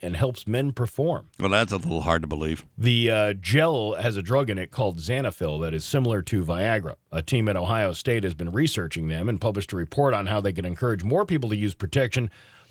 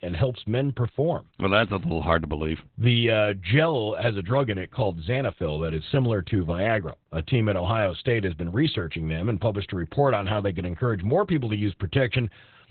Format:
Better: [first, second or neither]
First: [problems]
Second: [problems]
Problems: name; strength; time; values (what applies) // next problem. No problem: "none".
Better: first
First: garbled, watery; slightly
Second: garbled, watery; badly; nothing above 3.5 kHz